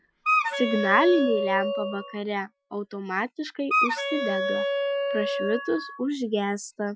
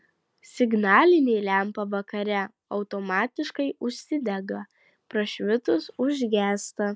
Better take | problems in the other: second | noise reduction (classical method Wiener filter)

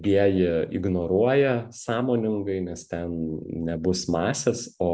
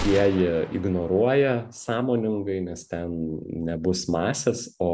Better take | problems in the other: first | background sound (Gunshot, gunfire); 15 dB below the speech

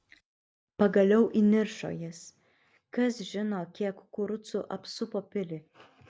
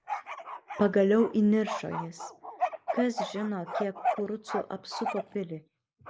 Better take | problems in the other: first | noise reduction (neural mask model Resemble Enhance denoiser)

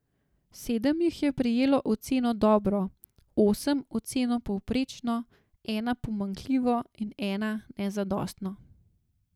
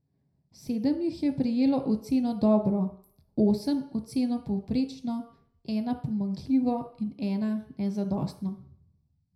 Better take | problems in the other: first | room echo; dies away in 0.5 s

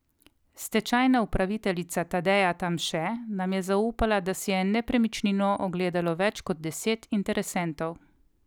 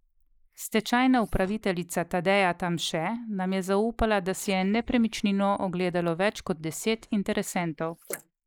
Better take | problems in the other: first | noise reduction (neural mask model Resemble Enhance denoiser)

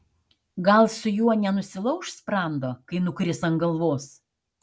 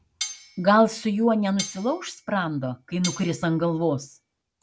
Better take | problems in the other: first | background sound (Cutlery, silverware); 14 dB below the speech

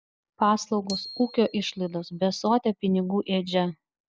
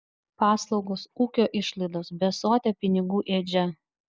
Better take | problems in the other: second | background sound (Glockenspiel); 18 dB below the speech

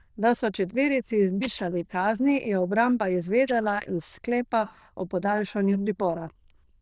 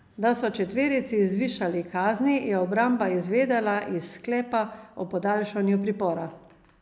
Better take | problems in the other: second | noise reduction (neural diffusion model UNIVERSE++)

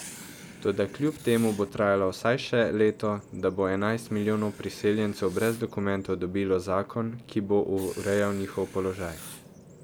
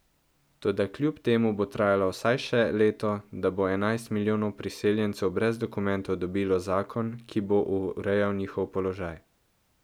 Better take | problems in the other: second | background sound (Bird vocalization, bird call, bird song + Writing); 19 dB below the speech

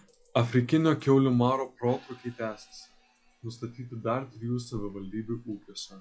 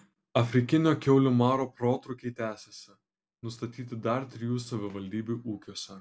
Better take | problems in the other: second | noise reduction (classical method log-MMSE)

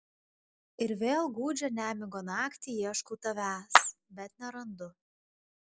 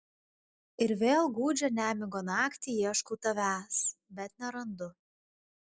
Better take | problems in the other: second | background sound (Clapping); 5 dB above the speech

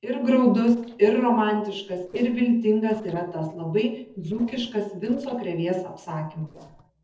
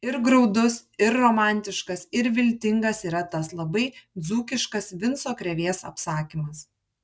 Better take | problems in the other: second | noise reduction (neural separator model SepFormer DNS4)

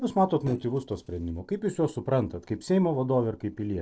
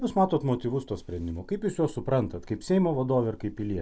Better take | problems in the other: second | noise reduction (neural separator model SepFormer DNS4)

